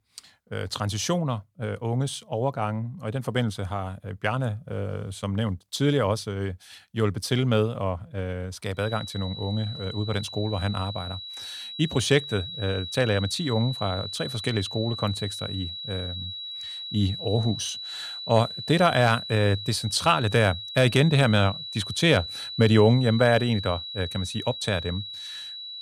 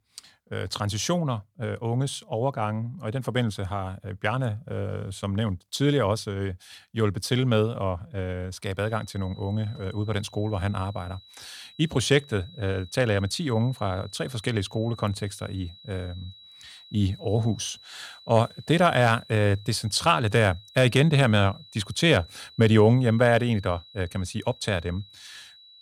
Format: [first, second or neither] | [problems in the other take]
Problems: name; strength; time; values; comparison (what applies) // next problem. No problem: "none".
second | high-pitched whine; loud; from 9 s on; 4 kHz, 8 dB below the speech; faint in the second